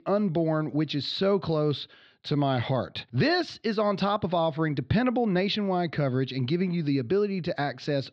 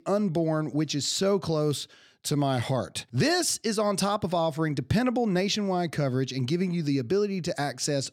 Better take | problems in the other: second | muffled; very slightly; fading above 4 kHz

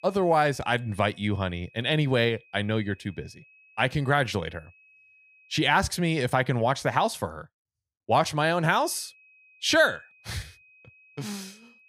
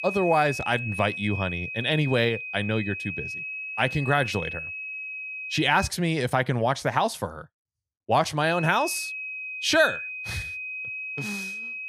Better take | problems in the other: first | high-pitched whine; loud; until 6 s and from 8.5 s on; 2.5 kHz, 7 dB below the speech; faint in the first

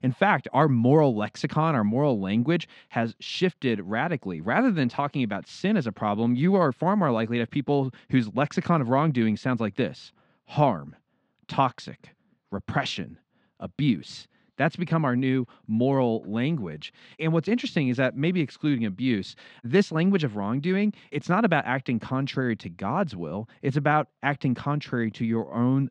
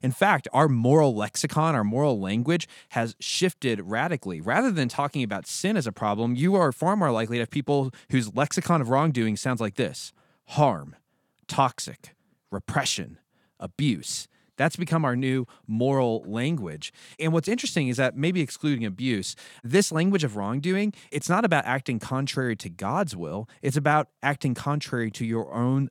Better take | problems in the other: second | muffled; slightly; fading above 4 kHz

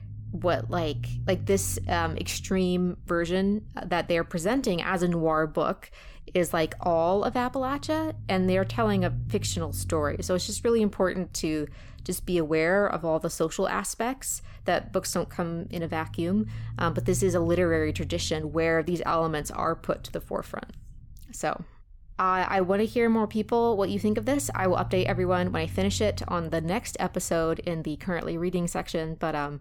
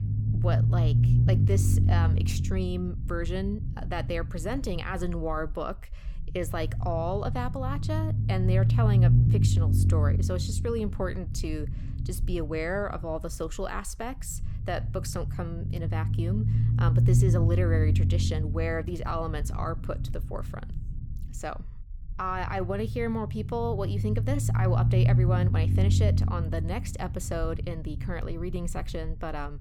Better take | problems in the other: first | low rumble; loud; throughout; 6 dB below the speech; faint in the first

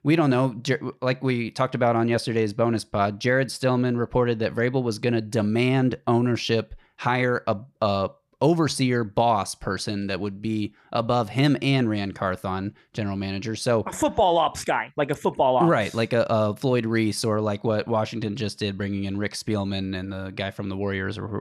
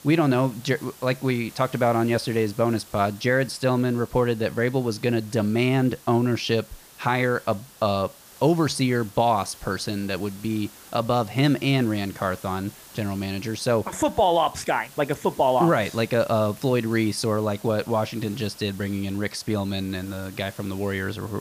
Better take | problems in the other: first | hiss; faint; throughout; 20 dB below the speech

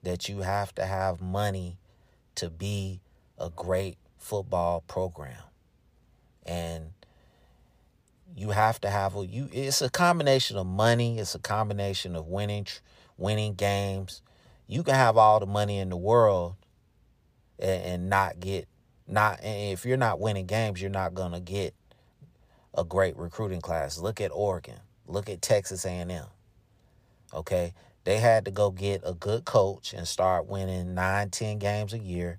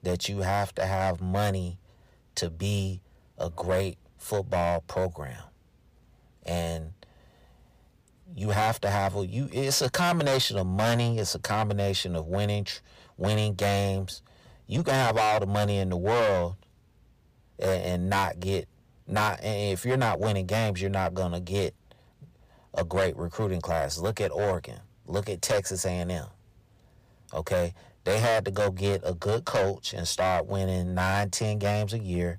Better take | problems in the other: first | distortion; heavy; 8% of the sound clipped

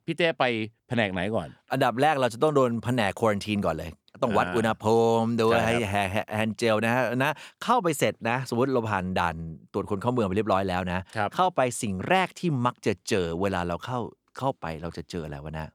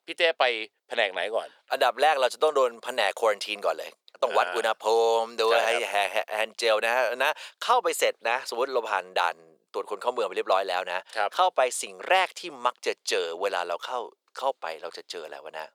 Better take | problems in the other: first | thin; very; fading below 500 Hz

